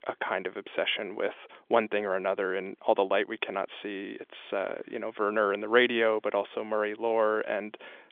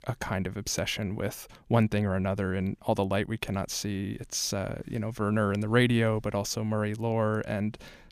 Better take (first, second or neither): second